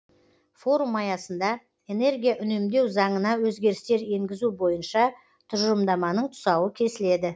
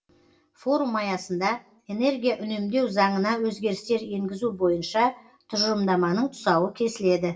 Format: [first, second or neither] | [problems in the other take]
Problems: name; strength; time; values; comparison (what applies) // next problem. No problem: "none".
first | room echo; dies away in 0.2 s